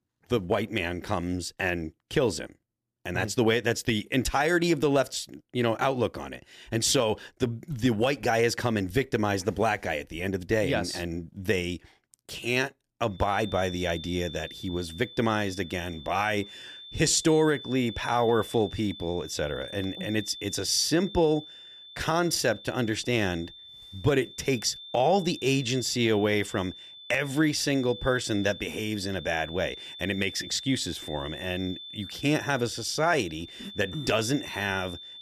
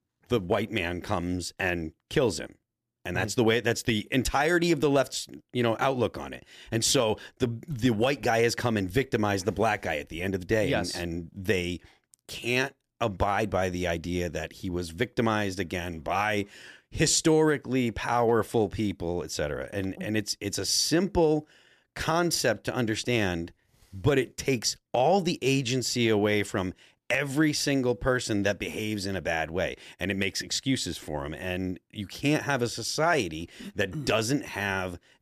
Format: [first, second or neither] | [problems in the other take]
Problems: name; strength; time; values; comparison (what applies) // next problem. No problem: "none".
second | high-pitched whine; noticeable; from 13 s on; 3.5 kHz, 15 dB below the speech